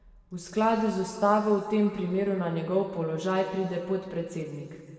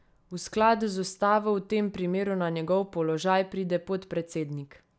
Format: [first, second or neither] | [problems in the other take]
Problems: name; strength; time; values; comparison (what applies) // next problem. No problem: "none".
second | room echo; dies away in 2 s